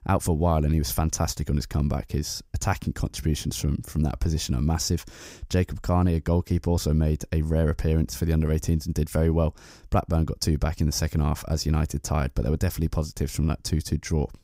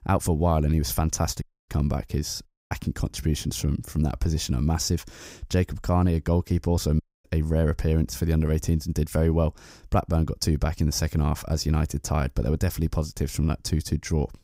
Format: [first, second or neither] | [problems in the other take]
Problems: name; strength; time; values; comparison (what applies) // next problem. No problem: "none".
first | audio cutting out; at 1.5 s, at 2.5 s and at 7 s